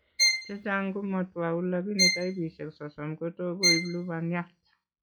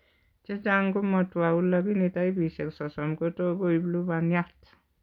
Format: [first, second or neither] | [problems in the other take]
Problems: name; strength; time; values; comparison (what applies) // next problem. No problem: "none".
second | noise reduction (classical method log-MMSE)